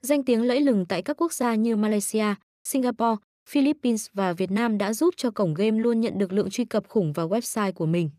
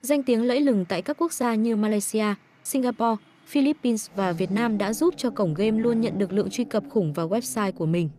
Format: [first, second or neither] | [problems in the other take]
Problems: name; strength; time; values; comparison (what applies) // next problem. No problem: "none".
first | traffic noise; noticeable; throughout; 15 dB below the speech